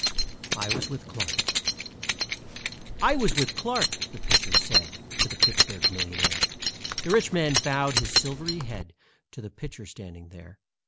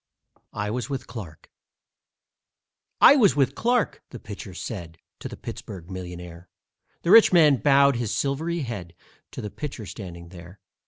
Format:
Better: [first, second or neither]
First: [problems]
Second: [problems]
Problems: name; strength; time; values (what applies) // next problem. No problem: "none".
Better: second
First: background sound (Keys jangling); 4 dB above the speech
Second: none